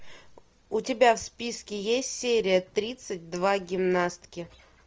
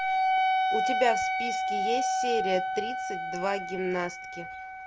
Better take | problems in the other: first | background sound (Wind instrument, woodwind instrument); 4 dB above the speech

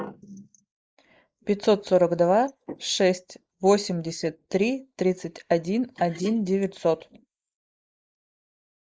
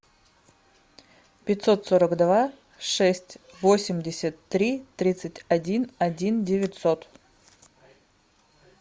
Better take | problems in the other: second | noise reduction (neural mask model Resemble Enhance denoiser)

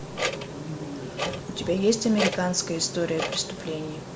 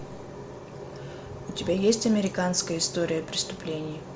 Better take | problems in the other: second | background sound (Clock); 6 dB below the speech

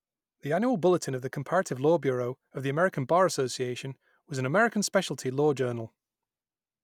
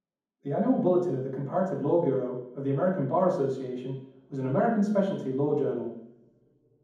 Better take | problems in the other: first | room echo; dies away in 1.2 s

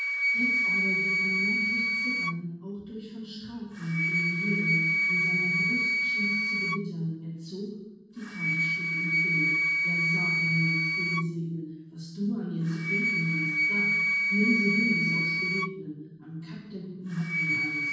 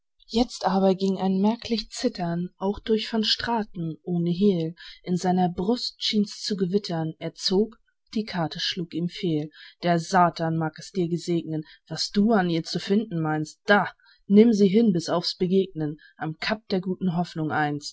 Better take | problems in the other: second | background sound (Wind instrument, woodwind instrument); 4 dB above the speech // room echo; dies away in 1.2 s

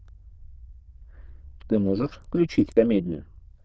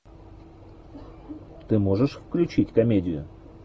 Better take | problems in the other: second | noise reduction (neural diffusion model UNIVERSE++)

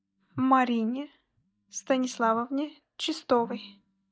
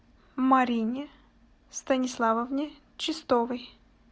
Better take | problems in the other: second | noise reduction (neural mask model DeepFilterNet 3)

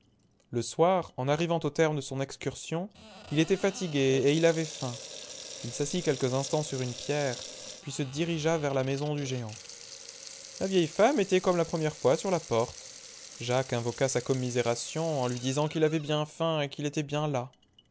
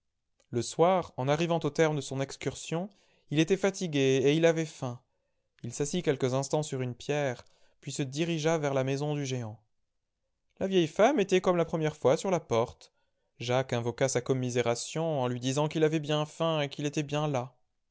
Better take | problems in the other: second | background sound (Sink (filling or washing) / Water tap, faucet); 16 dB below the speech

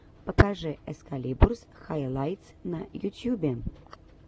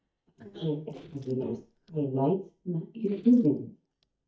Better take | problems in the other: first | noise reduction (neural mask model DeepFilterNet 3)

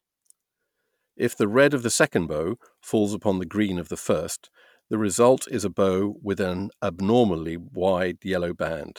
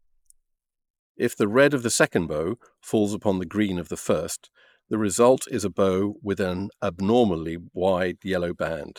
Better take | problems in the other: first | noise reduction (neural mask model Resemble Enhance denoiser)

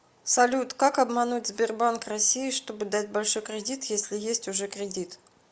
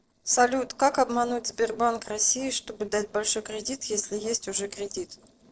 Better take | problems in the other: first | noise reduction (neural separator model SepFormer DNS4)

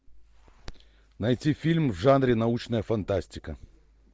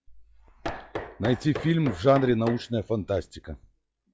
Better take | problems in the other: first | noise reduction (classical method log-MMSE)

